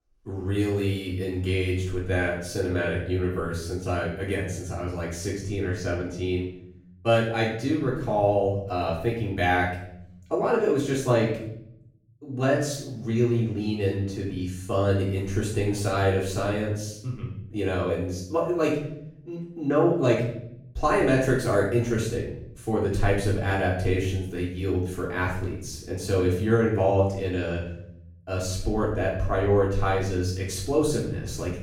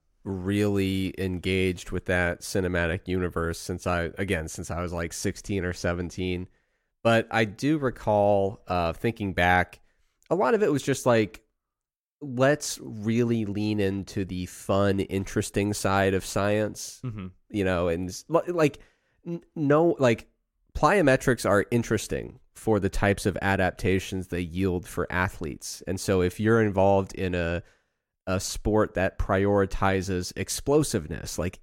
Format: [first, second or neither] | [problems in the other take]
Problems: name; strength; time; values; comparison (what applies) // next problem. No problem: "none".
second | off-mic speech; far // room echo; noticeable; dies away in 0.8 s